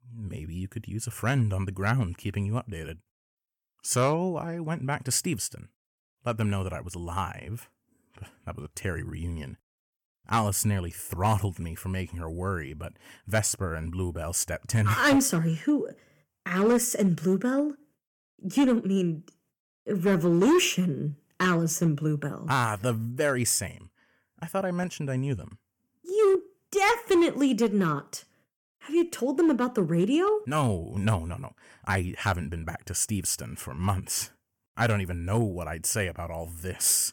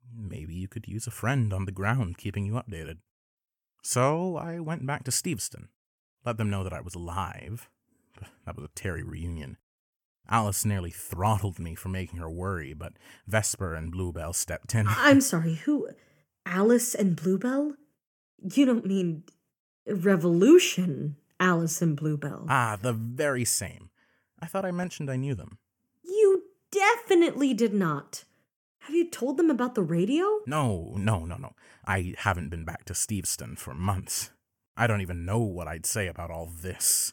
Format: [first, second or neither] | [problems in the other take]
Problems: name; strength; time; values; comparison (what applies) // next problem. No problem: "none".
second | distortion; slight; 2% of the sound clipped